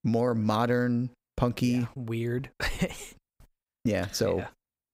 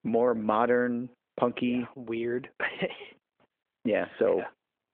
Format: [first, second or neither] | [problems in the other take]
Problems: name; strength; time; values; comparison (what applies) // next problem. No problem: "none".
first | phone-call audio